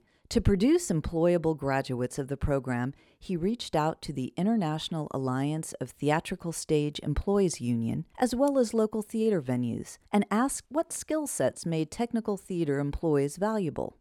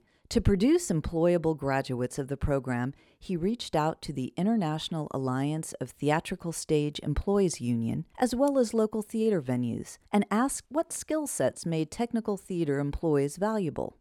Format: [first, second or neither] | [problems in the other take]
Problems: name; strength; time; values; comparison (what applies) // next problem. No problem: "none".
neither | none